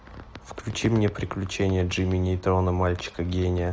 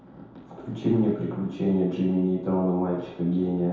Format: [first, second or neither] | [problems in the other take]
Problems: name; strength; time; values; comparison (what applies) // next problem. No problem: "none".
first | room echo; dies away in 0.8 s